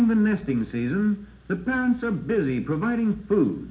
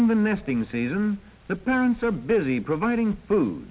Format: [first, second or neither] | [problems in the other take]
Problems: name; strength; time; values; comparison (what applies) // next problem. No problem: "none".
second | room echo; dies away in 0.4 s